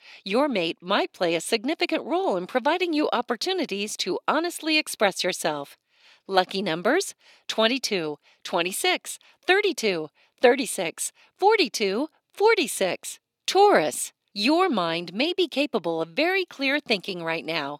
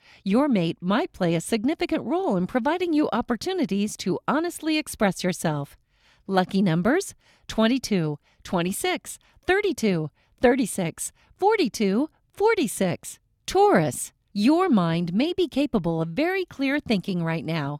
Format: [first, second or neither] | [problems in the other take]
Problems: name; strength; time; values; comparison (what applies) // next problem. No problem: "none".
second | thin; somewhat; fading below 400 Hz